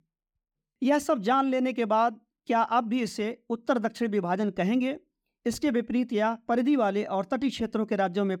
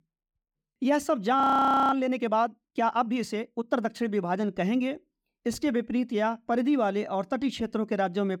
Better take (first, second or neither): first